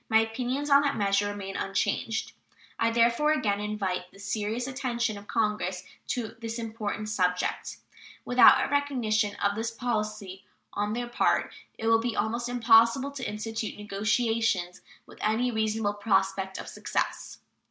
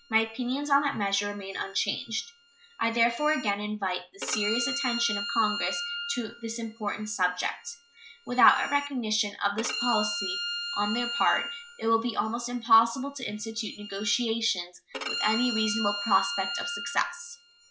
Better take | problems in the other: first | noise reduction (classical method log-MMSE)

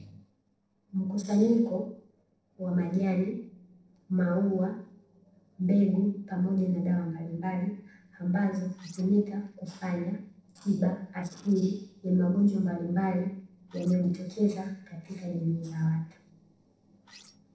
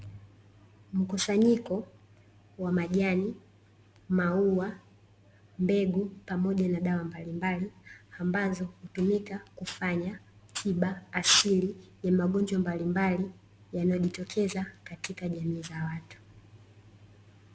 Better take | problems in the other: second | noise reduction (neural separator model SepFormer DNS4)

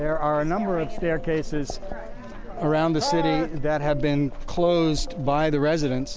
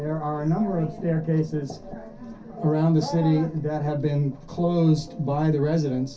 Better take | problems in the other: first | room echo; dies away in 0.3 s

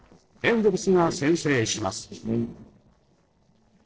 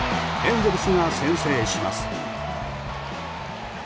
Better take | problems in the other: second | noise reduction (neural separator model SepFormer DNS4)

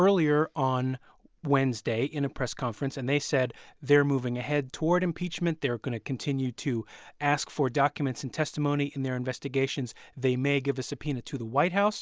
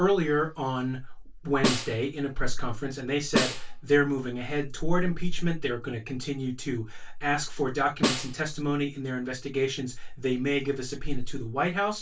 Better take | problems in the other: first | background sound (Snare drum); 6 dB below the speech // room echo; dies away in 0.1 s

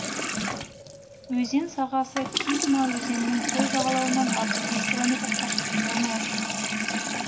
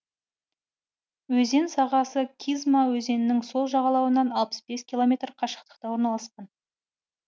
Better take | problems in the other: second | background sound (Sink (filling or washing) / Water tap, faucet); as loud as the speech // room echo; dies away in 1.1 s

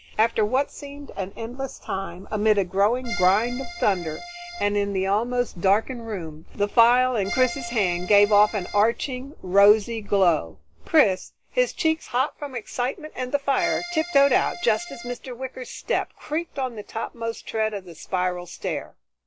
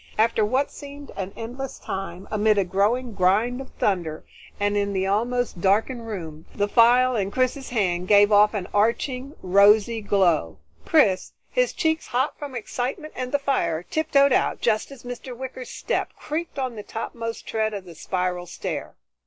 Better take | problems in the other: second | background sound (Accordion); 11 dB below the speech

